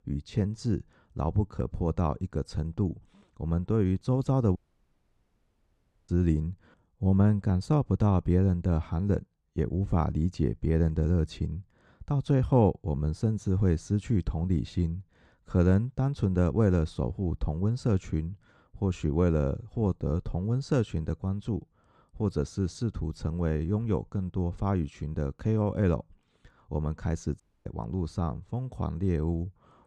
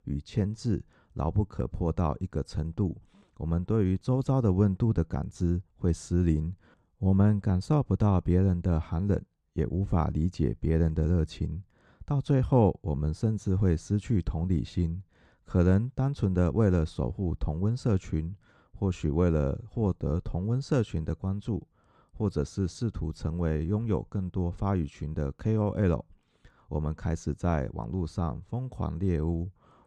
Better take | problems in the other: second | audio cutting out; at 4.5 s for 1.5 s and at 27 s

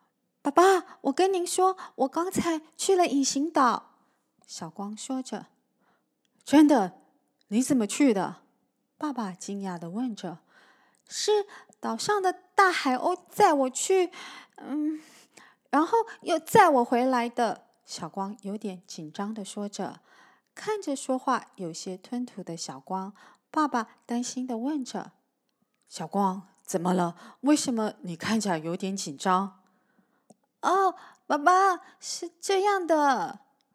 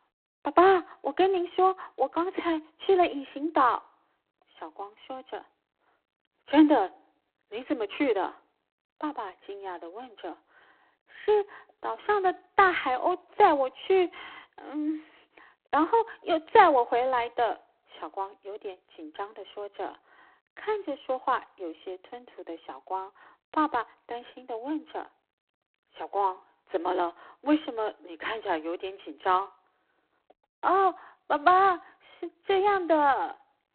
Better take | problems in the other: first | phone-call audio; poor line; nothing above 3.5 kHz

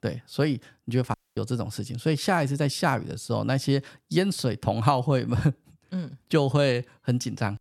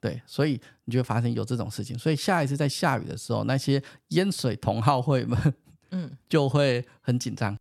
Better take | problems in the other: second | audio cutting out; at 1 s

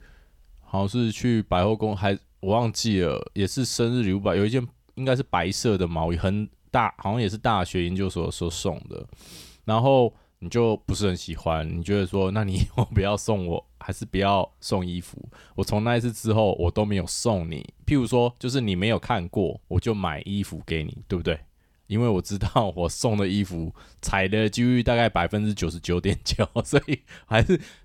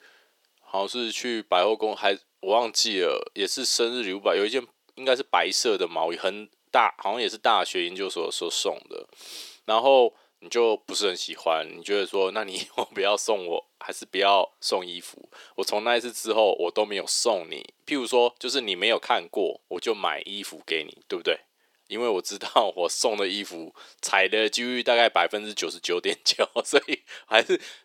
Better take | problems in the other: first | thin; very; fading below 350 Hz

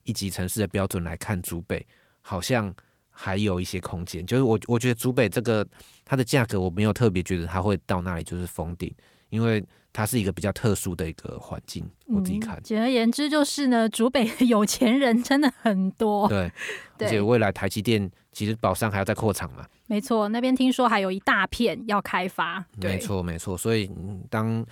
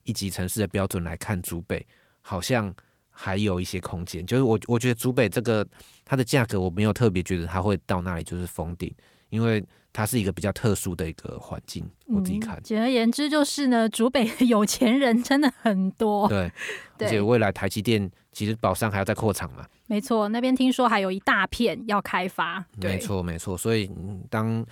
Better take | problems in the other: neither | none

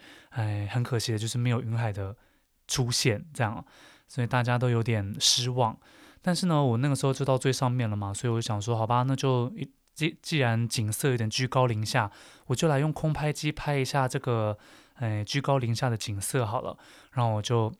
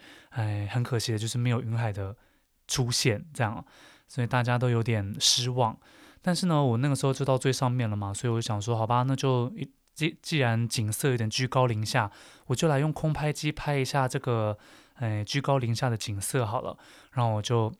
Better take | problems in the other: neither | none

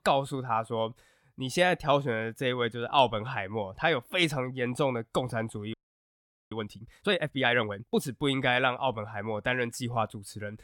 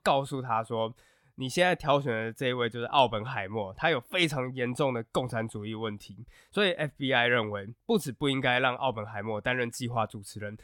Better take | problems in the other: second | audio freezing; at 5.5 s for 1 s

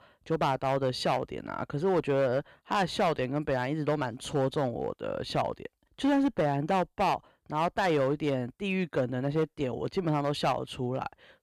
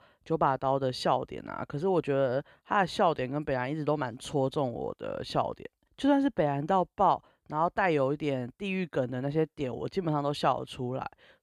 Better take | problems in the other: second | distortion; slight; 6% of the sound clipped

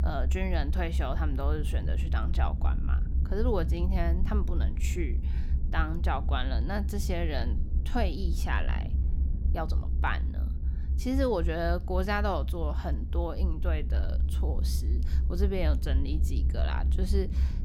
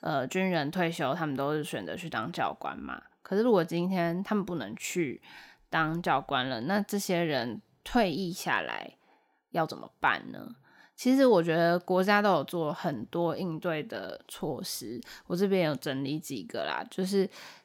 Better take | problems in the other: second | low rumble; noticeable; throughout; 15 dB below the speech

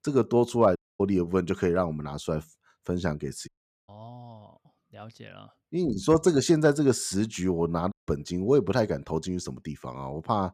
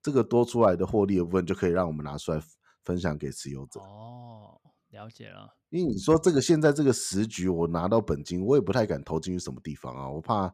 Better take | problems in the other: second | audio cutting out; at 1 s, at 3.5 s and at 8 s

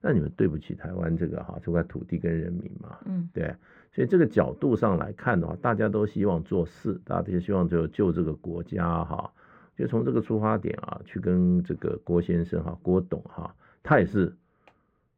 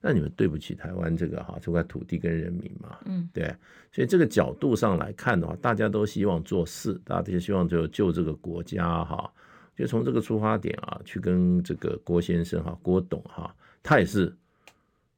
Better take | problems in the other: second | muffled; very; fading above 3.5 kHz

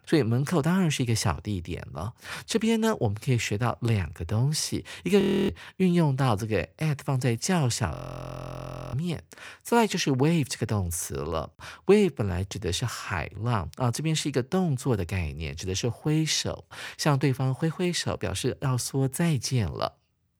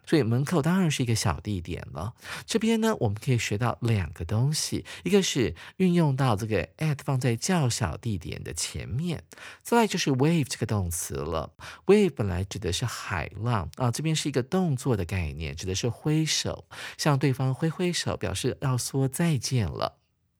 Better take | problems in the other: second | audio freezing; at 5 s and at 8 s for 1 s

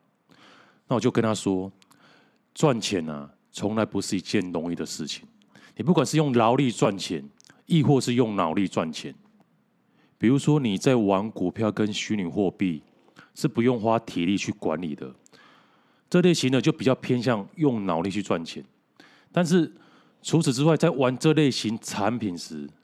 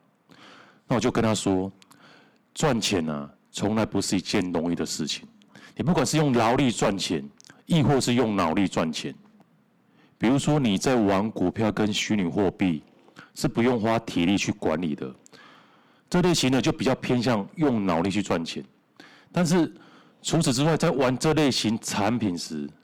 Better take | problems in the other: first | distortion; heavy; 8% of the sound clipped

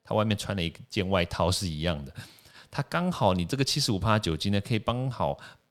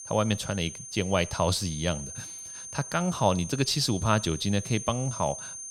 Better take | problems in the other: first | high-pitched whine; loud; throughout; 6.5 kHz, 10 dB below the speech

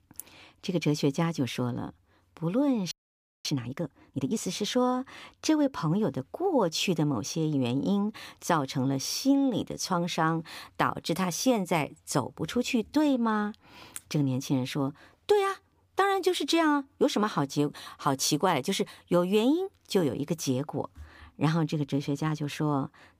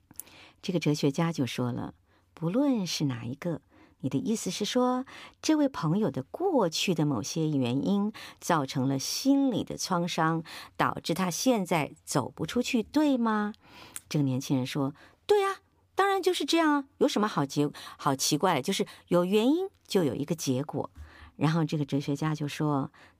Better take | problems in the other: second | audio freezing; at 3 s for 0.5 s

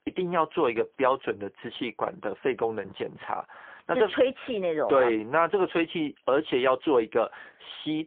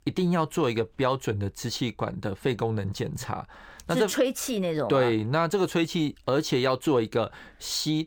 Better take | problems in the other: second | phone-call audio; poor line; nothing above 3 kHz

